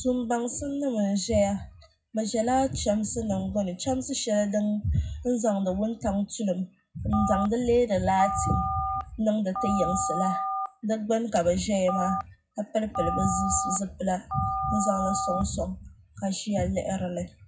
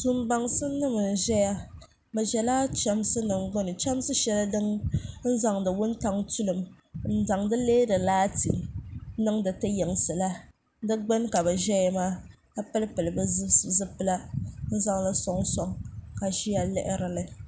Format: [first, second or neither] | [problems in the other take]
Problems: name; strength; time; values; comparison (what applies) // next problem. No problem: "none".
second | noise reduction (classical method WPE with log-MMSE)